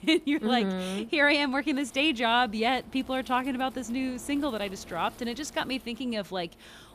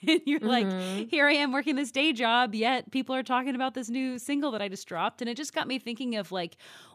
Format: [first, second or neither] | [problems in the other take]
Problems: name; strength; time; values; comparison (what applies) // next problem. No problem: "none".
second | wind noise on the microphone; occasional gusts; 25 dB below the speech